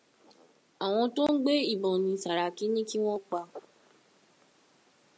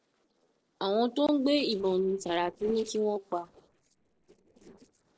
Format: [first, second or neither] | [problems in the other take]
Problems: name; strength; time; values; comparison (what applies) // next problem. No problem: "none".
first | noise reduction (neural separator model SepFormer DNS4)